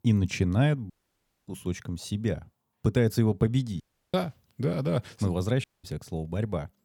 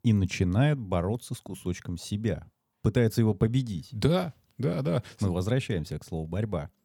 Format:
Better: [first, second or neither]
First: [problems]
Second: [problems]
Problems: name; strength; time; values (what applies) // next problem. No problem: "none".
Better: second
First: audio cutting out; at 1 s for 0.5 s, at 4 s and at 5.5 s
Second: none